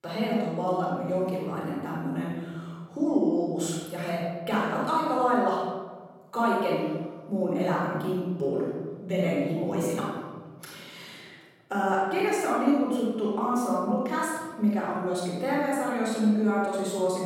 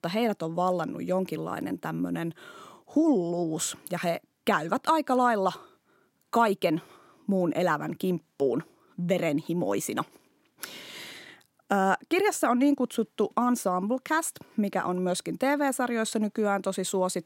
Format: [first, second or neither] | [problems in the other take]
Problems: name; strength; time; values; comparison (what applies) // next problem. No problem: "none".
second | off-mic speech; far // room echo; strong; dies away in 1.6 s